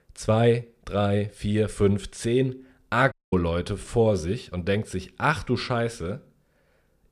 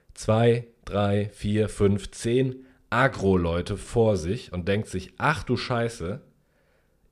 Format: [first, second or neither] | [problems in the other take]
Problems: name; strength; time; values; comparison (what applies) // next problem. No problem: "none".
second | audio cutting out; at 3 s